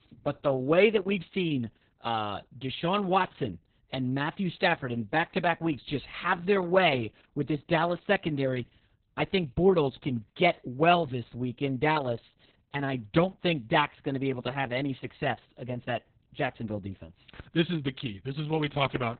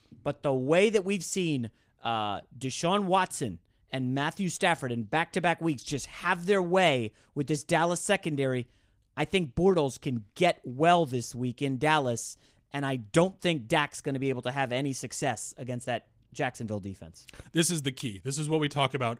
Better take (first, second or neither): second